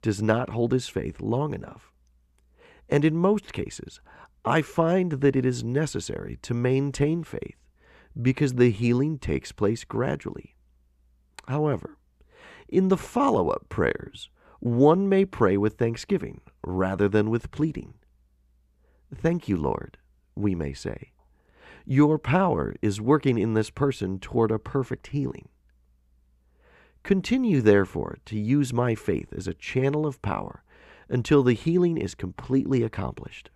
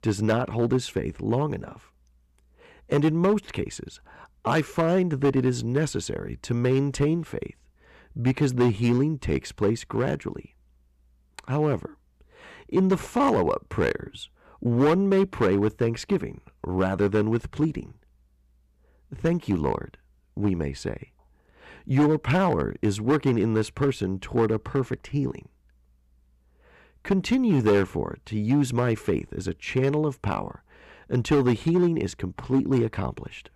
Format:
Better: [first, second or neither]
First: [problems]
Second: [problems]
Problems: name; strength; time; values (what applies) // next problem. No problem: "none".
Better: first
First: none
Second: distortion; slight; 4% of the sound clipped